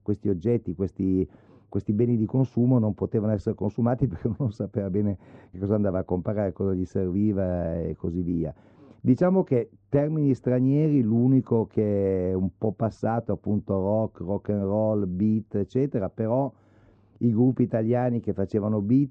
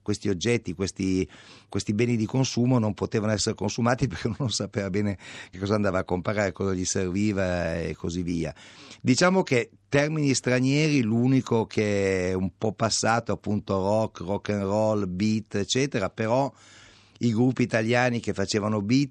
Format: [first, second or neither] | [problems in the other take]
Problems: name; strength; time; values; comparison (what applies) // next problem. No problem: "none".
second | muffled; very; fading above 1.5 kHz